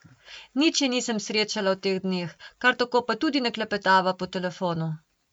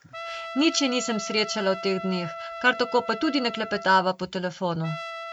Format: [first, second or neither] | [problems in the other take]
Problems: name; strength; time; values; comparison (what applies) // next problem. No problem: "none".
first | background sound (Trumpet); 11 dB below the speech